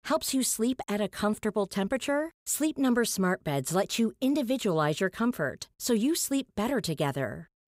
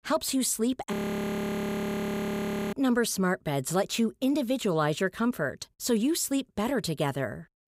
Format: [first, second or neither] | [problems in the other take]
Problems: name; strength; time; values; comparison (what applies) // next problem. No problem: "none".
first | audio freezing; at 1 s for 2 s